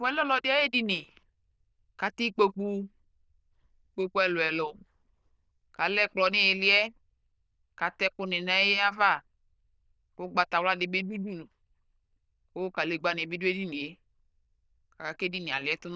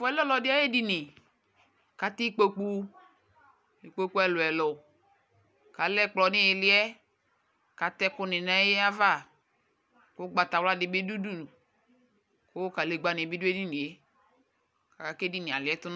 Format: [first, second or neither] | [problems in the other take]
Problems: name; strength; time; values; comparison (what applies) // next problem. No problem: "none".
second | noise reduction (neural diffusion model UNIVERSE++)